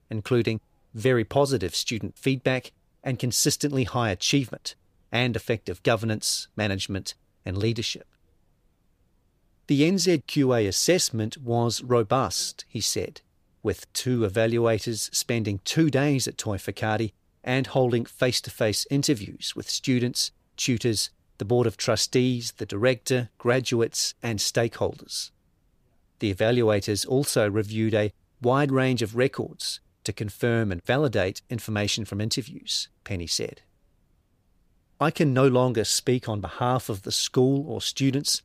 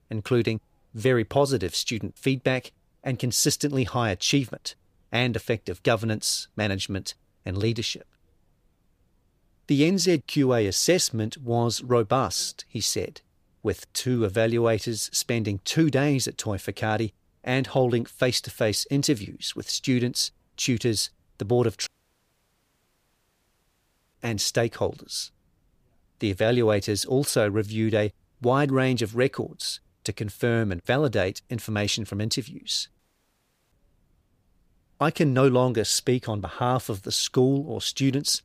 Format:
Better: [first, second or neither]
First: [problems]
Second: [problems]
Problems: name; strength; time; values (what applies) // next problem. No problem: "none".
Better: first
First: none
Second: audio cutting out; at 22 s for 2.5 s and at 33 s for 0.5 s